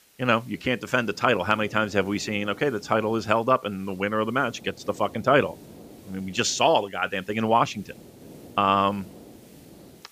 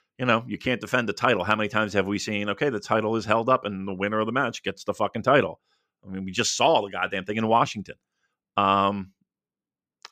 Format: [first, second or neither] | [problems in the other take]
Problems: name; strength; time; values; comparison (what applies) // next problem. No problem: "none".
second | hiss; faint; throughout; 25 dB below the speech